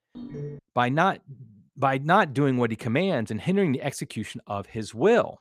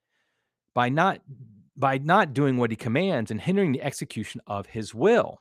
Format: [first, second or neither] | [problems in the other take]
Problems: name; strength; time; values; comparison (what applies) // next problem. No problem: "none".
second | phone ringing; faint; at the start; peak 10 dB below the speech